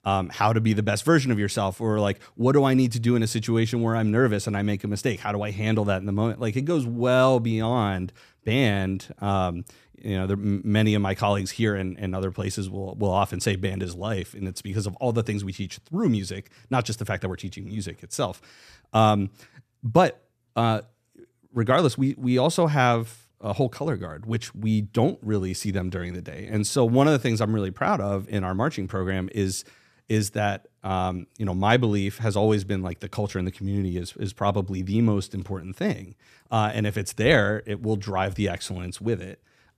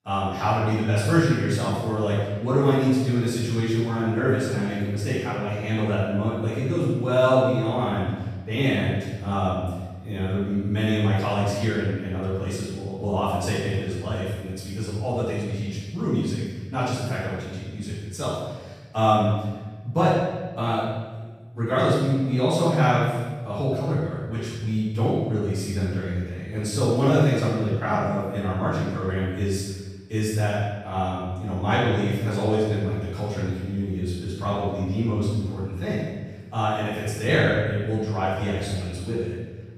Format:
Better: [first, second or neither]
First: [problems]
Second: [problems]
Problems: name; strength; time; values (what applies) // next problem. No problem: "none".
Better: first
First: none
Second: off-mic speech; far // room echo; strong; dies away in 1.2 s